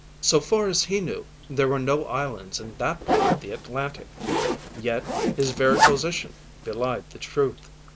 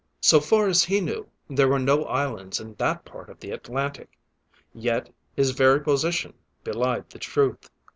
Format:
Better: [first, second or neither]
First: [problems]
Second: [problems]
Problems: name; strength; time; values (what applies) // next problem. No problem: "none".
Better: second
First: background sound (Zipper (clothing)); 2 dB below the speech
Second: none